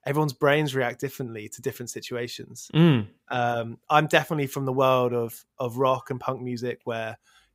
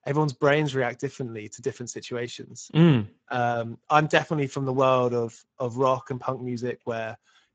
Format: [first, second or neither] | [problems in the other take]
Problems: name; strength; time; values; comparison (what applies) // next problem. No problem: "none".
first | garbled, watery; badly; nothing above 7.5 kHz